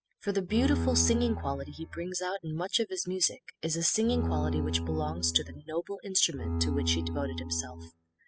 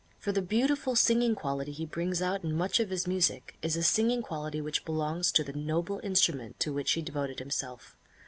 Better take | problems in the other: second | noise reduction (classical method spectral subtraction)

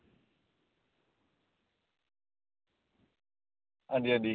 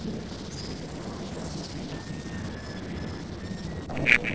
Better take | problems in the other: first | noise reduction (neural separator model SepFormer DNS4)

